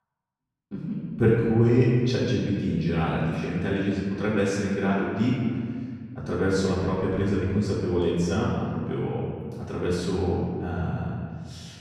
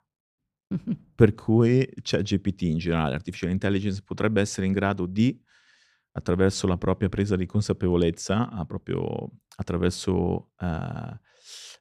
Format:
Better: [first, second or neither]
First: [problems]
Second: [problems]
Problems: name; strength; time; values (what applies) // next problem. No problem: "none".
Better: second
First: off-mic speech; far // room echo; strong; dies away in 2 s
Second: none